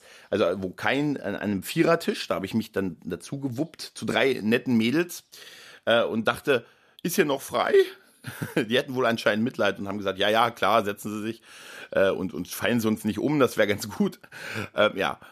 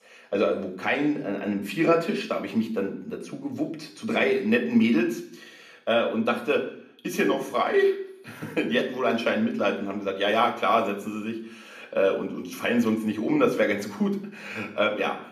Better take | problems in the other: first | room echo; slight; dies away in 0.6 s // off-mic speech; somewhat distant

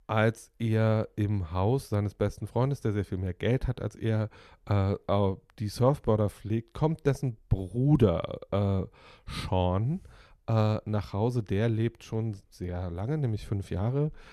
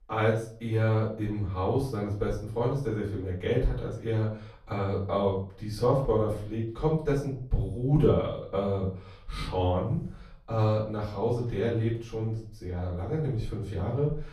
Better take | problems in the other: first | off-mic speech; far // room echo; slight; dies away in 0.4 s

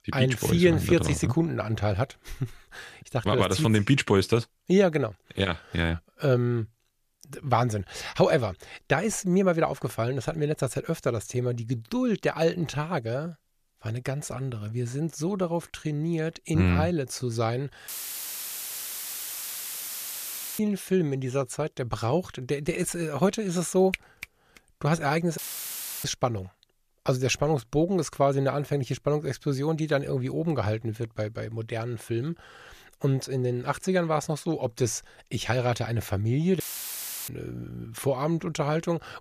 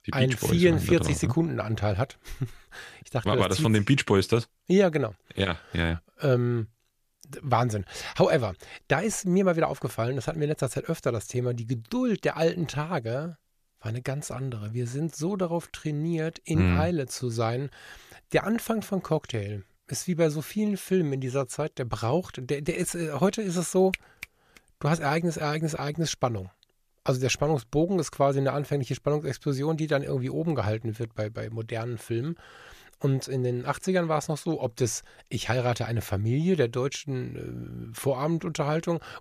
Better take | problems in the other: second | audio cutting out; filled with static; at 18 s for 2.5 s, at 25 s for 0.5 s and at 37 s for 0.5 s

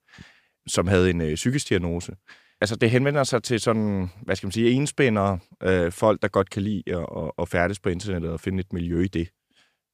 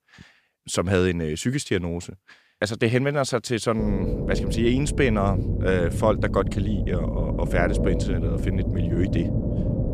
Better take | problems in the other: first | low rumble; loud; from 4 s on; 7 dB below the speech

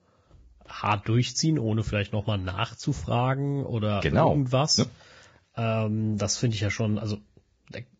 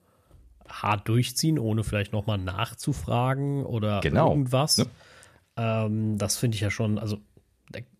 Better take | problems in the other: second | garbled, watery; badly; nothing above 7.5 kHz

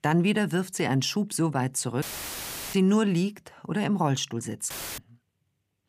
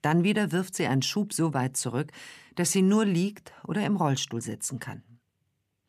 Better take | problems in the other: second | audio cutting out; filled with static; at 2 s for 0.5 s and at 4.5 s

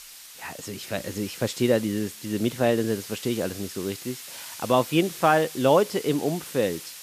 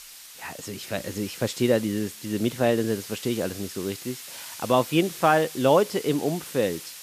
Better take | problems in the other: neither | hiss; noticeable; throughout; 15 dB below the speech; the same in both

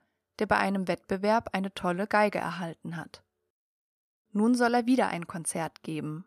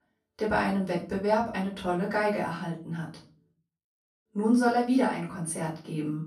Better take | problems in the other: first | room echo; slight; dies away in 0.4 s // off-mic speech; far

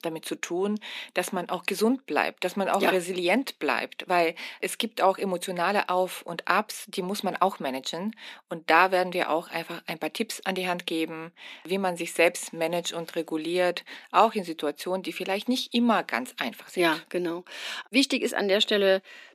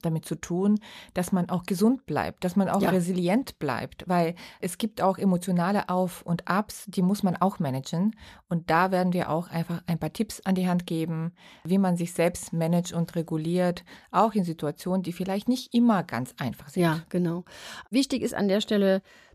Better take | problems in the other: second | thin; somewhat; fading below 250 Hz

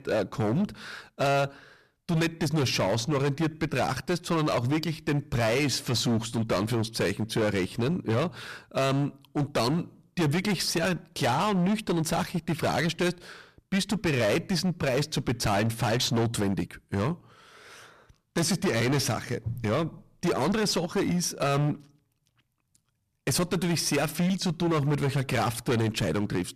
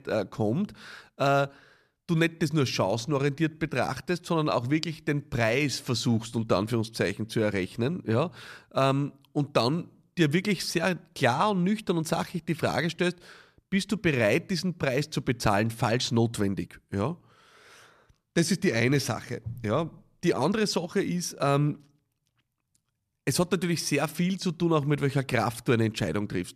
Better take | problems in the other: second | distortion; heavy; 17% of the sound clipped

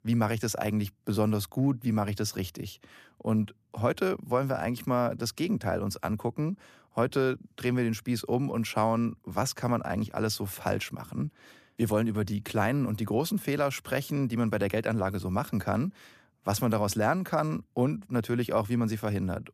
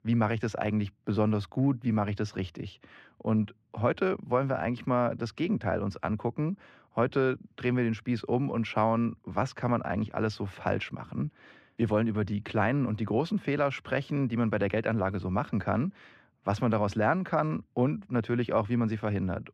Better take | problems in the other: first | muffled; slightly; fading above 2.5 kHz

